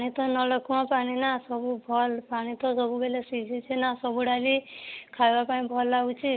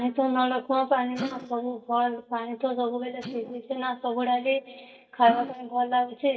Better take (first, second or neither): first